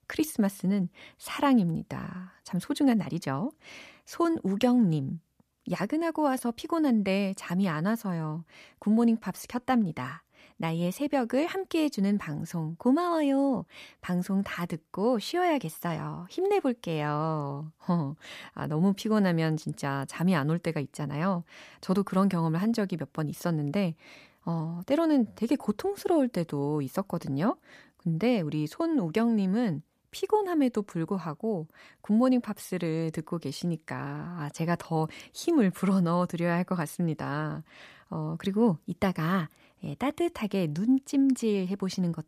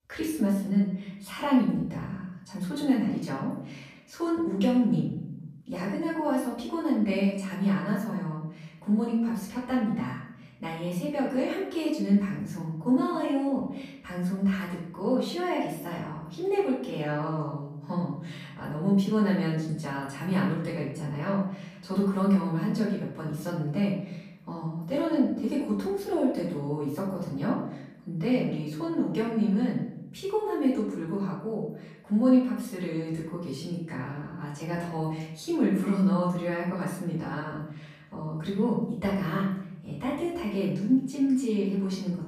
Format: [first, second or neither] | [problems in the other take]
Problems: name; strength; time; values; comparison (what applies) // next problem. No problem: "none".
first | room echo; noticeable; dies away in 0.7 s // off-mic speech; far